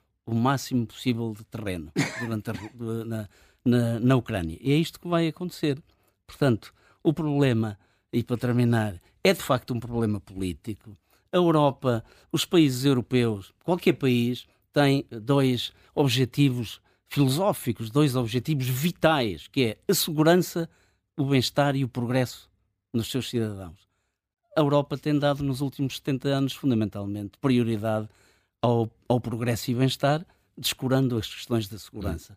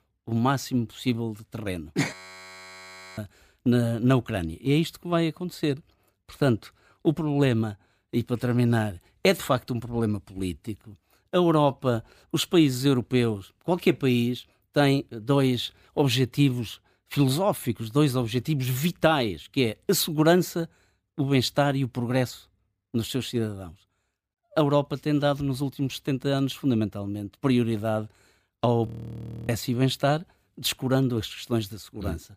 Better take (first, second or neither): first